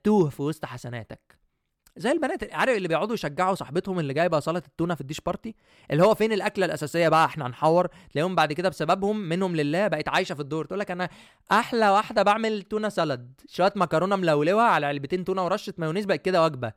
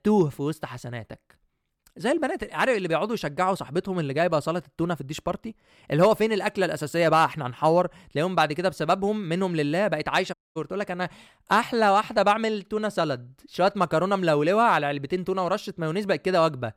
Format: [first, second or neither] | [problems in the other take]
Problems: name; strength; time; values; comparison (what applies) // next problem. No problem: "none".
first | audio cutting out; at 10 s